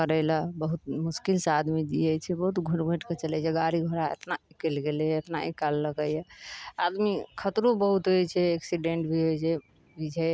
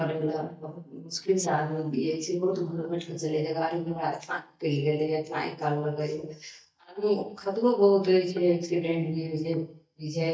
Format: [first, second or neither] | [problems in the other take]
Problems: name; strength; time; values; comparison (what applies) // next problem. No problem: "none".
first | noise reduction (neural mask model DeepFilterNet 3)